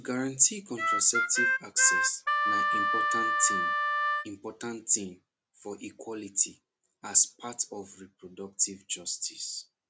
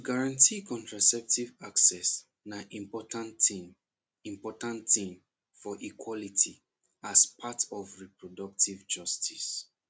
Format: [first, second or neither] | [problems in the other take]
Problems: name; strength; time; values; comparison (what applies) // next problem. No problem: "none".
second | background sound (Harmonica); 4 dB above the speech